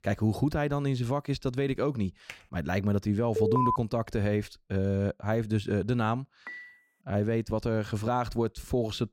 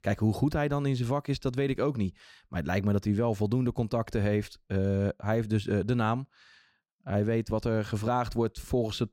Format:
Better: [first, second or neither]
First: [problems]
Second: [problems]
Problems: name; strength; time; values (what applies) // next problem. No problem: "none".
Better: second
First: keyboard typing; faint; at 2.5 s; peak 15 dB below the speech // alarm; loud; at 3.5 s; peak 3 dB above the speech // clattering dishes; faint; at 6.5 s; peak 15 dB below the speech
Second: none